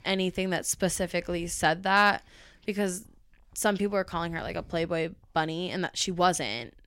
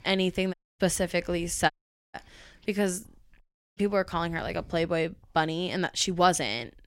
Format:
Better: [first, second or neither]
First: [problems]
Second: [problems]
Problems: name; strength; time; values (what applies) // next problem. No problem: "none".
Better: first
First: none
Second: audio cutting out; at 0.5 s, at 1.5 s and at 3.5 s